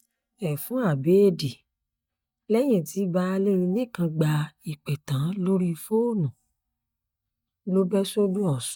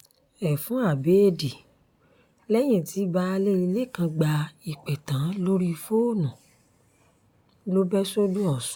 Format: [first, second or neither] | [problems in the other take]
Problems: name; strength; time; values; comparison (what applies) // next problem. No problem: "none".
second | noise reduction (neural mask model DeepFilterNet 3)